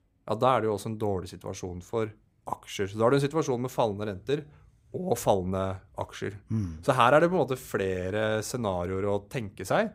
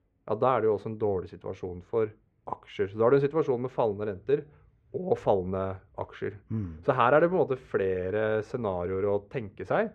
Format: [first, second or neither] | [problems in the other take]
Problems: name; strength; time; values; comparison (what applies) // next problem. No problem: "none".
first | muffled; very; fading above 2 kHz